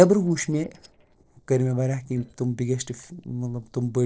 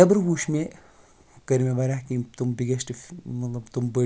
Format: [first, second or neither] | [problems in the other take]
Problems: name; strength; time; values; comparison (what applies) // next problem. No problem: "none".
second | noise reduction (neural separator model SepFormer DNS4)